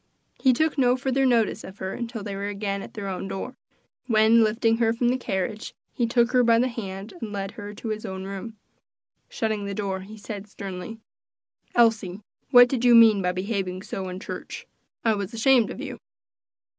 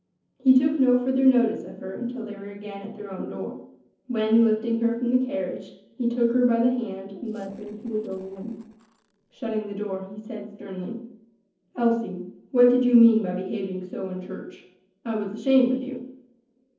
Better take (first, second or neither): first